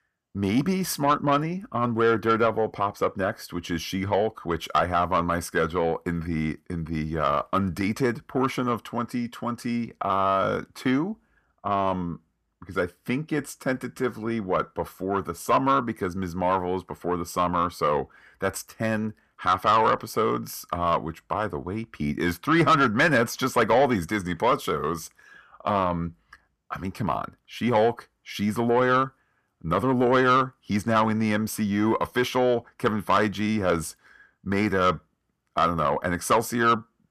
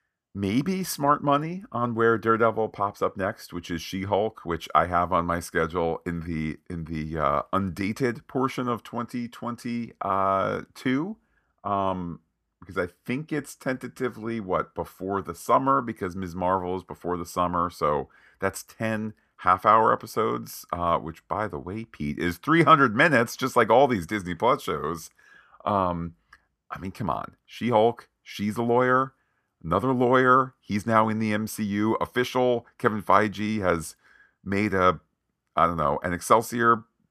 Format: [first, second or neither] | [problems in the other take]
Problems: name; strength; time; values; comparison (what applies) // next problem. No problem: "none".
second | distortion; slight; 10 dB below the speech